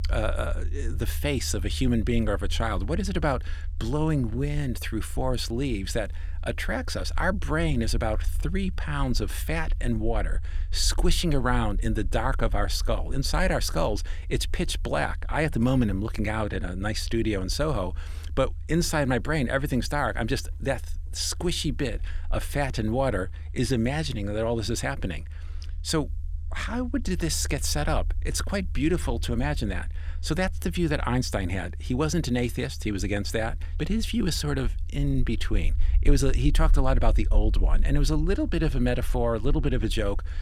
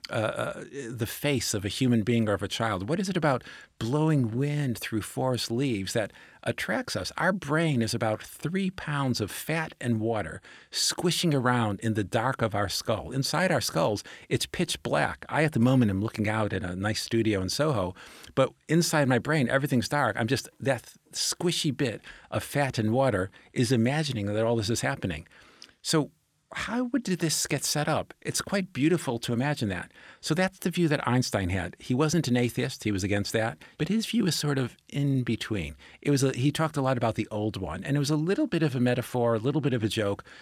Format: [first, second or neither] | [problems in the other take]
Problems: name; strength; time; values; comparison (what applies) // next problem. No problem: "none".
second | low rumble; faint; throughout; 25 dB below the speech